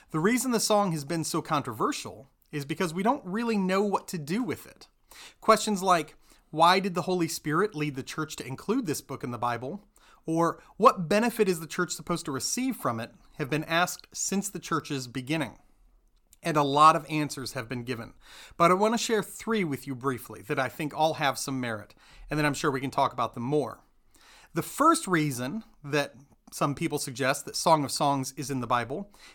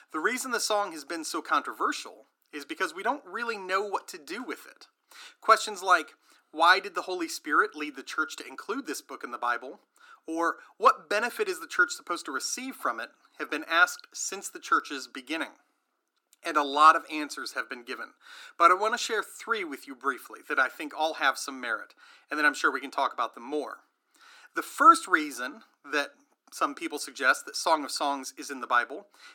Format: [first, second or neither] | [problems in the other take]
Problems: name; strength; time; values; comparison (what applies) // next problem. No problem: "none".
first | thin; somewhat; fading below 300 Hz